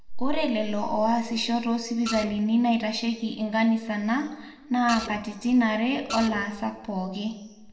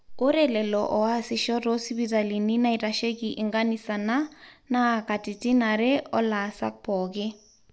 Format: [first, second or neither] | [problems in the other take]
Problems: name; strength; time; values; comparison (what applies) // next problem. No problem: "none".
second | background sound (Printer); 9 dB below the speech // room echo; dies away in 0.7 s